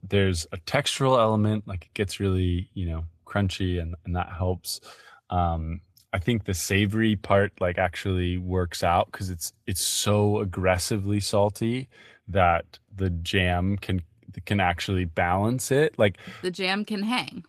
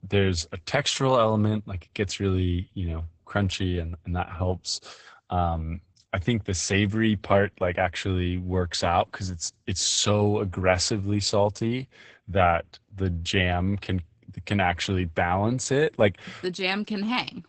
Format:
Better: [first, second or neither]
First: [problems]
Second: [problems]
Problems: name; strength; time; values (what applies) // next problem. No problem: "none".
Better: first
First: garbled, watery; slightly; nothing above 14.5 kHz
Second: garbled, watery; badly; nothing above 8 kHz